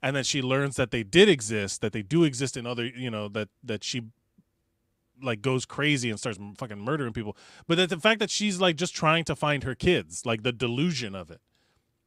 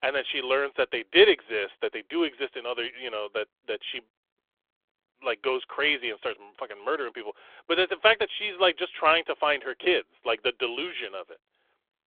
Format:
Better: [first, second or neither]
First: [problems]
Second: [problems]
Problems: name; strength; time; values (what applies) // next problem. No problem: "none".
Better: first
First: none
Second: phone-call audio; nothing above 3.5 kHz